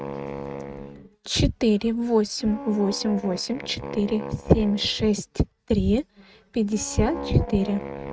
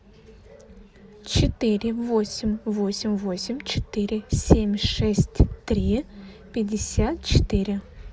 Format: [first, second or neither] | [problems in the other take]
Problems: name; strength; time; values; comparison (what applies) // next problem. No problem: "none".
second | noise reduction (neural mask model RNNoise)